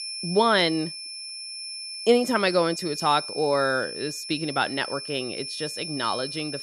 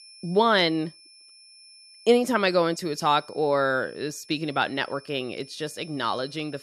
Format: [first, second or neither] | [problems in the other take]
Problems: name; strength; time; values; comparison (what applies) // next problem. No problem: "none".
second | high-pitched whine; loud; throughout; 5.5 kHz, 8 dB below the speech; faint in the second